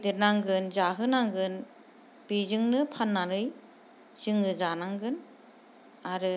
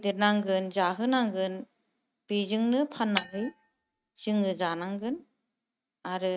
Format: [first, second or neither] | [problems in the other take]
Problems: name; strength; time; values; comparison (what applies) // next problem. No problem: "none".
first | noise reduction (neural mask model RNNoise)